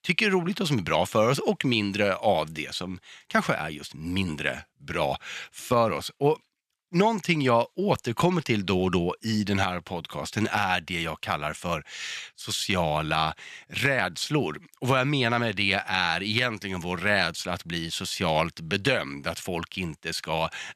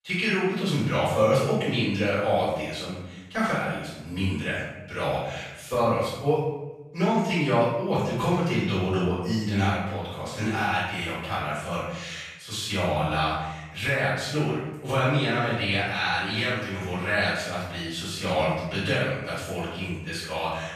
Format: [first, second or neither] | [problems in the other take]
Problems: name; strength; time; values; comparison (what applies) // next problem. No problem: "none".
first | off-mic speech; far // room echo; strong; dies away in 0.9 s